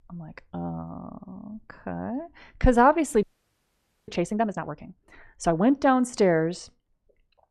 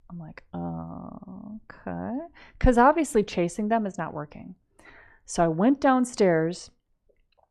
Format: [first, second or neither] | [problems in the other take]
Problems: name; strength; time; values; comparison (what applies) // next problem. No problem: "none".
second | audio freezing; at 3 s for 1 s